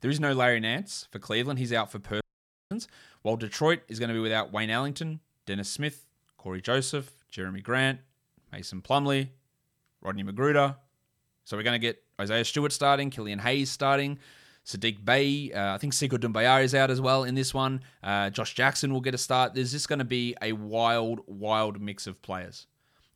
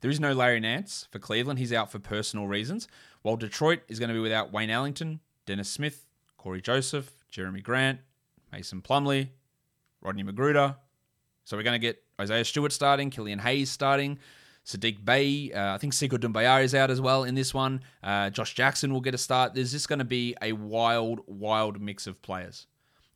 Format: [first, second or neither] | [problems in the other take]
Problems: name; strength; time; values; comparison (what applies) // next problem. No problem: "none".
second | audio cutting out; at 2 s for 0.5 s